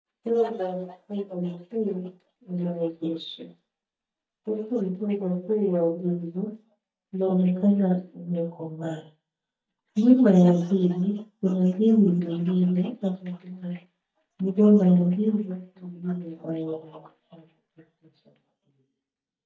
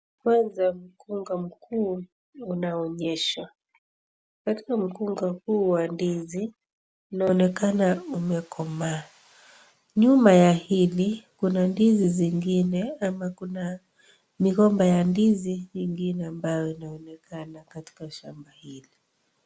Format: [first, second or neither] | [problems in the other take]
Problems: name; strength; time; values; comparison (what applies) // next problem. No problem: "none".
second | noise reduction (neural mask model DeepFilterNet 3)